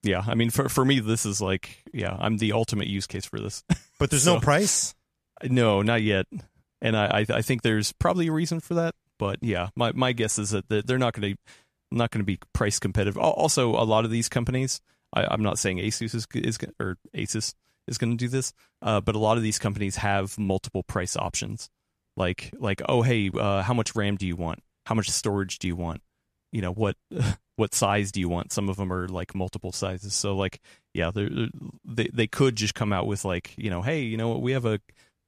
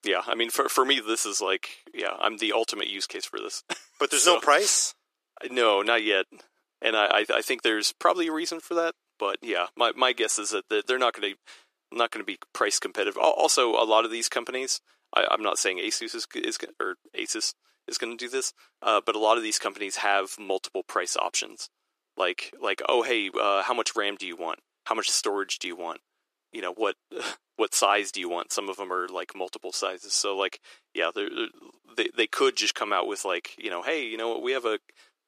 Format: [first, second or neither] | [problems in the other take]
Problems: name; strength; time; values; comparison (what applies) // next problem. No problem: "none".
first | thin; very; fading below 350 Hz